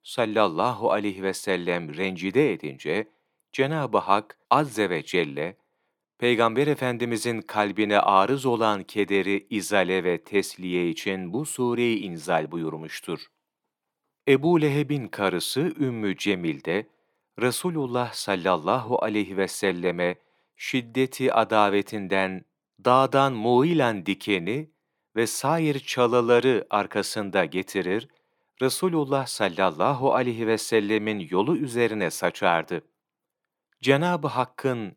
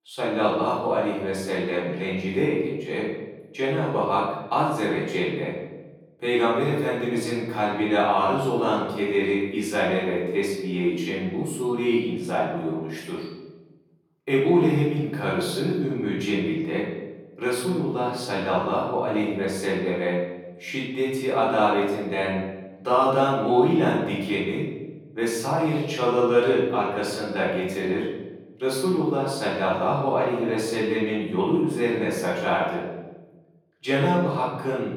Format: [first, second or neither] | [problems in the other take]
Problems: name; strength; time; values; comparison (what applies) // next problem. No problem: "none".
first | off-mic speech; far // room echo; noticeable; dies away in 1.1 s